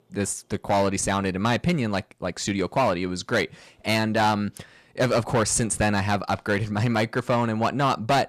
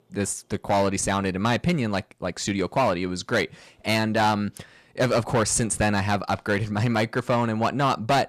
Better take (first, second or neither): neither